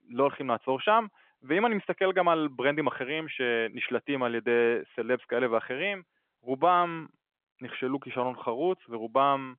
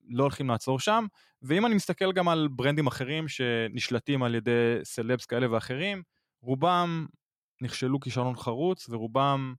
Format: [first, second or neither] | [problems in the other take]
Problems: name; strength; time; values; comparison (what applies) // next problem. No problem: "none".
second | phone-call audio; nothing above 3.5 kHz